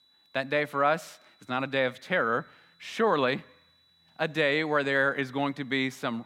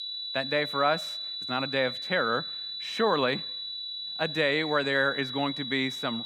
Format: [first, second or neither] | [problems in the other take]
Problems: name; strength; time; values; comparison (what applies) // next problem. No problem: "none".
first | high-pitched whine; loud; throughout; 4 kHz, 5 dB below the speech; faint in the first